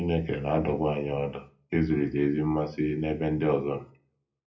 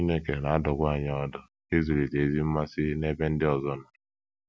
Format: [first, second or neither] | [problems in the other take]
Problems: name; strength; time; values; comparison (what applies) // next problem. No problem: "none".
second | room echo; dies away in 0.3 s